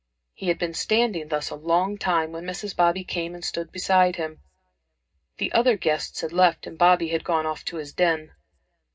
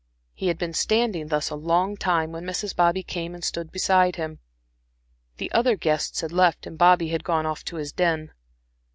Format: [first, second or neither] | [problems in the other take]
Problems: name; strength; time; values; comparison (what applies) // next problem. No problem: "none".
second | room echo; dies away in 0.2 s